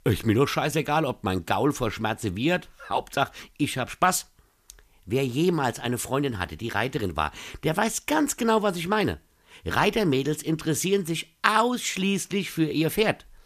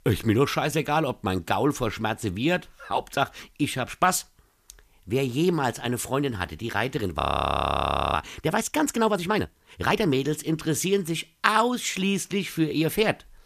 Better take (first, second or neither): first